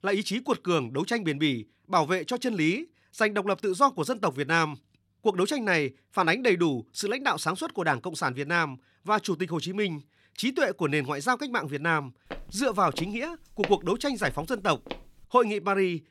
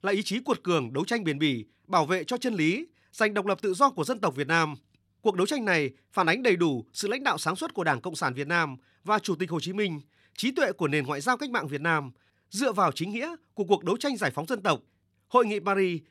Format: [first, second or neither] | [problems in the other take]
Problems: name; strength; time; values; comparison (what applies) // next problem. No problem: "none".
second | footsteps; noticeable; from 12 to 15 s; peak 8 dB below the speech